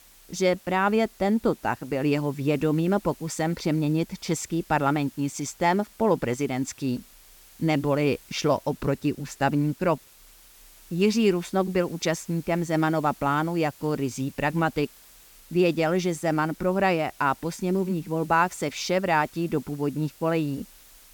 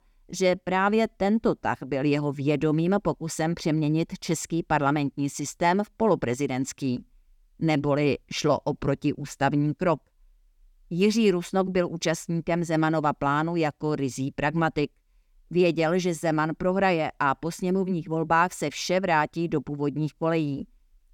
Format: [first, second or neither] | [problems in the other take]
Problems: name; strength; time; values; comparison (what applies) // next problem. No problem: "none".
second | hiss; faint; throughout; 25 dB below the speech